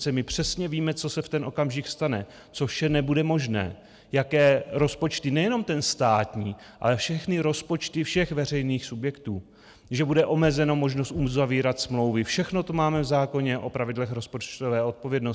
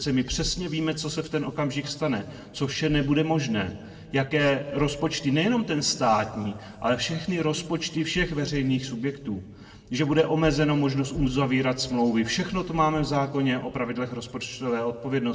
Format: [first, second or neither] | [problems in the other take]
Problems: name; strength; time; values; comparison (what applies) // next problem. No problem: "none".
first | room echo; dies away in 1.3 s